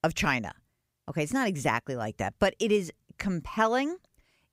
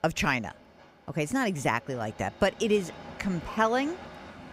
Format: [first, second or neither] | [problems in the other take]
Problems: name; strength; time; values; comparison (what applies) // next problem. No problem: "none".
first | train or aircraft noise; noticeable; throughout; 20 dB below the speech